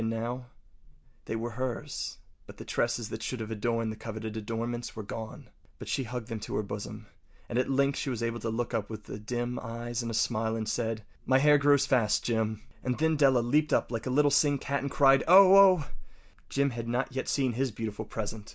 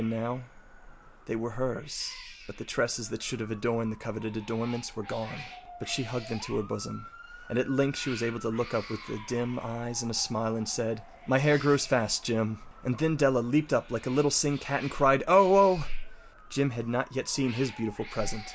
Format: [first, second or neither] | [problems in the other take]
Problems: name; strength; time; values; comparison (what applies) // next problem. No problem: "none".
first | background sound (Cat + Motor vehicle (road) / Siren); 18 dB below the speech